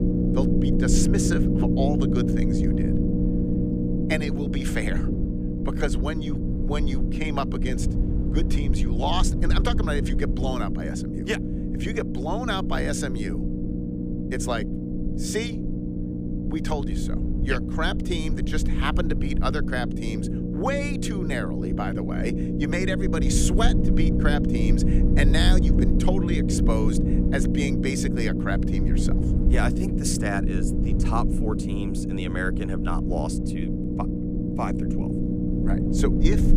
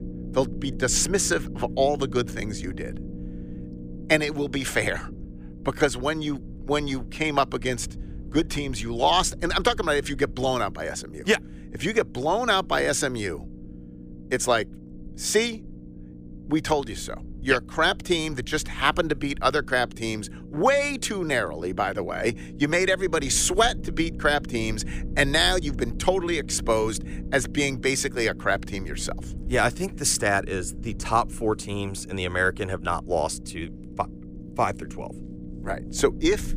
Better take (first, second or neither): second